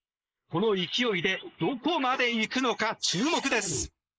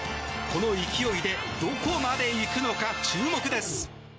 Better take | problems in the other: second | noise reduction (neural mask model Resemble Enhance denoiser)

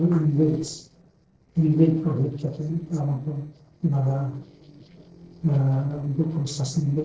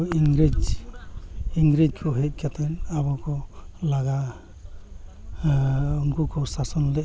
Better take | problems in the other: second | noise reduction (neural separator model SepFormer DNS4)

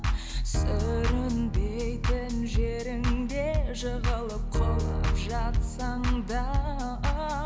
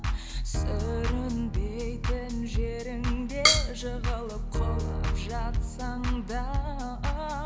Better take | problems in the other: first | background sound (Drum kit); 1 dB below the speech

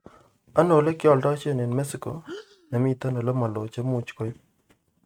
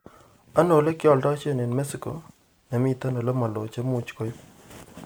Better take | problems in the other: second | noise reduction (neural mask model RNNoise)

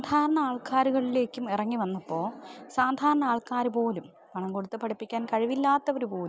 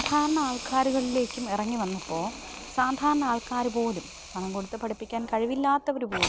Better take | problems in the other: first | background sound (Hiss); 11 dB below the speech

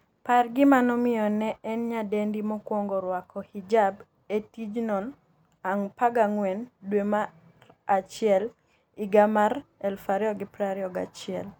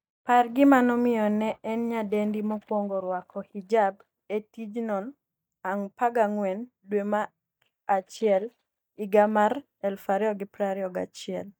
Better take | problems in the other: first | noise reduction (neural mask model DeepFilterNet 3)

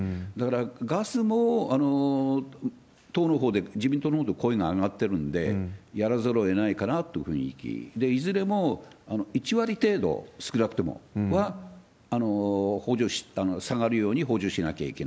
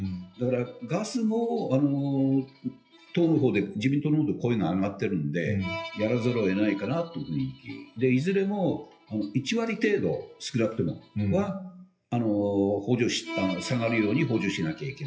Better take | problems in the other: first | noise reduction (classical method WPE with log-MMSE)

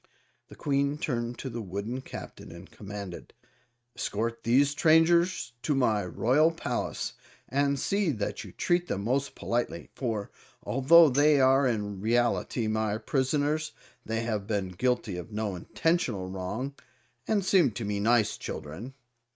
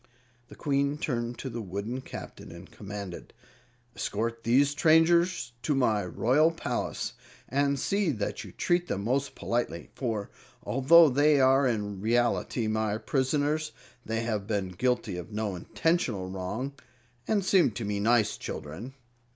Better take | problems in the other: second | noise reduction (neural mask model RNNoise)

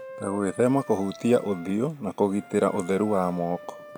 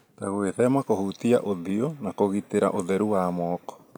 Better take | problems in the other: second | background sound (Wind instrument, woodwind instrument); 19 dB below the speech

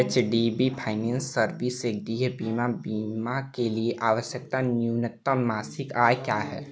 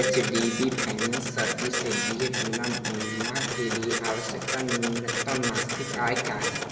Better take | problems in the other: first | background sound (Printer); 1 dB below the speech // room echo; dies away in 2.9 s

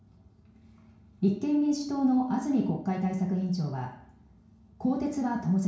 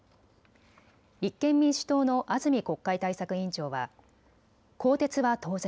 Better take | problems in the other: second | room echo; dies away in 0.6 s

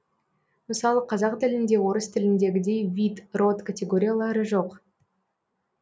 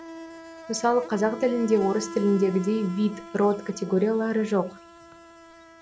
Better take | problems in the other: first | background sound (Insect); 15 dB below the speech

